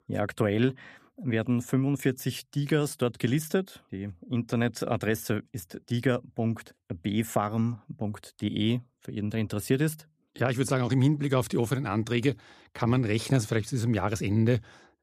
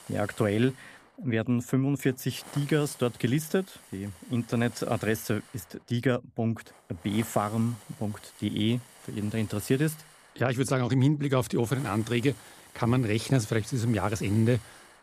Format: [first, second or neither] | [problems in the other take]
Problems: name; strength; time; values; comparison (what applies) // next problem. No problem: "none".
first | hiss; noticeable; throughout; 20 dB below the speech